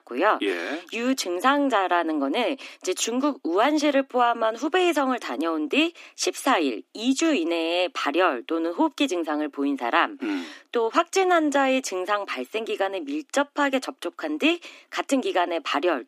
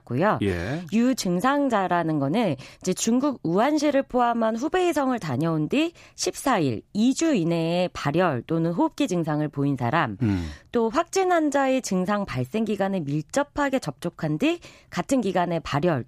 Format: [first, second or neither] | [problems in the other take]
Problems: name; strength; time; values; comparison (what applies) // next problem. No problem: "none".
second | thin; very slightly; fading below 250 Hz